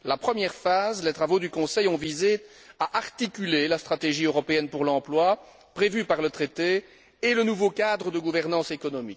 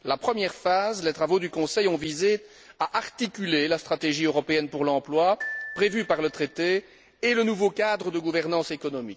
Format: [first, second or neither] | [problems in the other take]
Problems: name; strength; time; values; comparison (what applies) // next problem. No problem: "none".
first | background sound (Glockenspiel); 16 dB below the speech